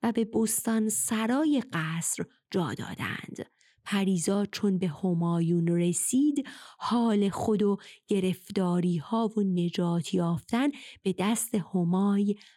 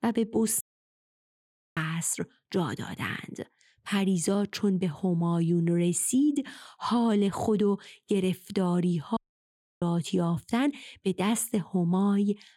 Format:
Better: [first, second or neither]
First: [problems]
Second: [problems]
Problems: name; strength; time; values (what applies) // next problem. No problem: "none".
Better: first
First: none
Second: audio cutting out; at 0.5 s for 1 s and at 9 s for 0.5 s